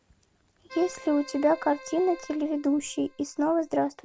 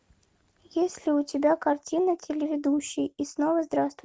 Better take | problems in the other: second | background sound (Keyboard (musical)); 19 dB below the speech

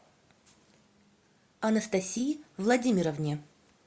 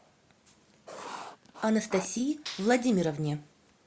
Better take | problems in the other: first | background sound (Writing + Clapping); 14 dB below the speech

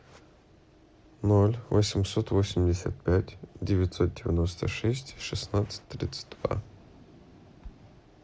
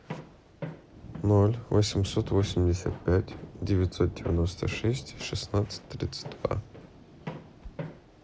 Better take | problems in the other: first | background sound (Thunder + Walk, footsteps); 14 dB below the speech

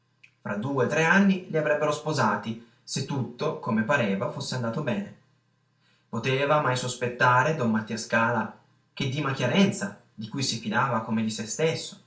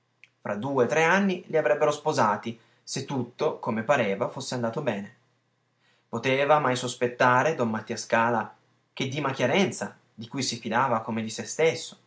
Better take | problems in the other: second | room echo; dies away in 0.3 s

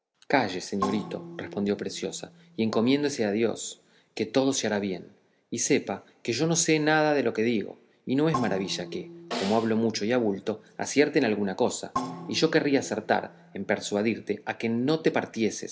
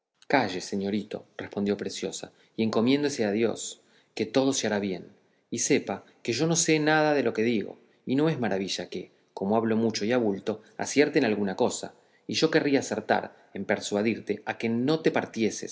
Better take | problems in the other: second | background sound (Snare drum + Percussion); 13 dB below the speech

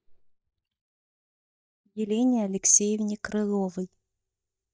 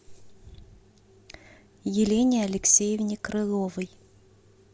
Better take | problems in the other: second | noise reduction (neural mask model DeepFilterNet 3)

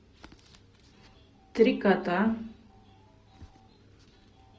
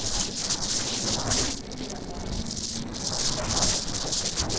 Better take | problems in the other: first | noise reduction (neural separator model SepFormer DNS4)

